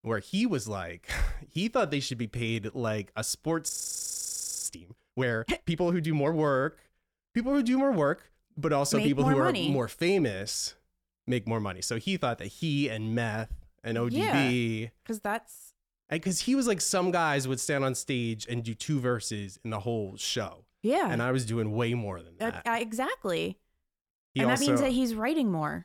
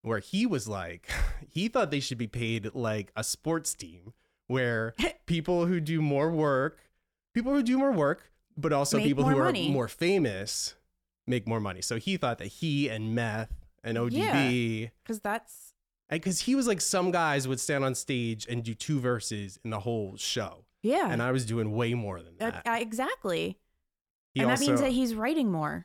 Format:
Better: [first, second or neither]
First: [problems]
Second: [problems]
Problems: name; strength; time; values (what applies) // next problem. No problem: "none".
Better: second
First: audio freezing; at 3.5 s for 1 s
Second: none